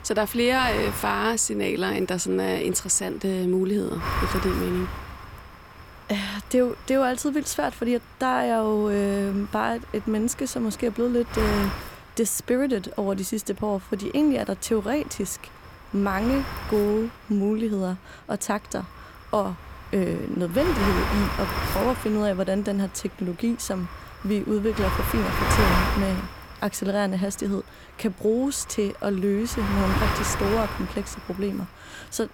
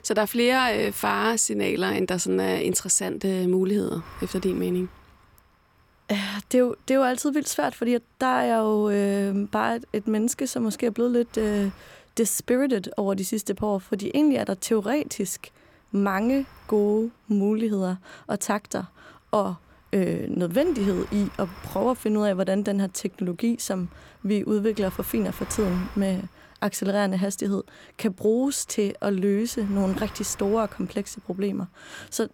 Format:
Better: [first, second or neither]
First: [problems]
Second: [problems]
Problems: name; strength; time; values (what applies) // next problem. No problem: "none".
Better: second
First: wind noise on the microphone; heavy; 2 dB below the speech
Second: wind noise on the microphone; occasional gusts; 20 dB below the speech